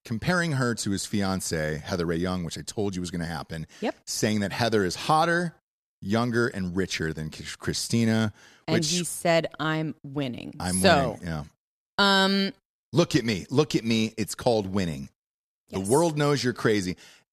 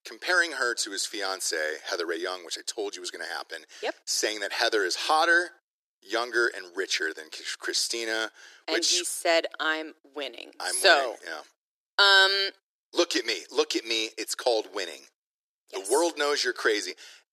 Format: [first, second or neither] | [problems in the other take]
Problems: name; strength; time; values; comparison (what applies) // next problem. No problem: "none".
first | thin; very; fading below 350 Hz